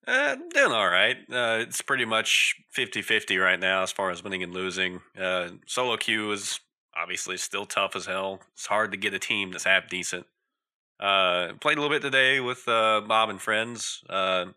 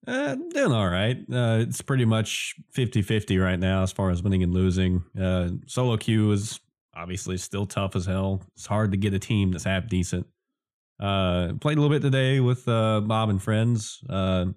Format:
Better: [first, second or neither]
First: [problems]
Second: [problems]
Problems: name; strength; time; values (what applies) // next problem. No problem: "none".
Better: second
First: thin; very; fading below 550 Hz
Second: none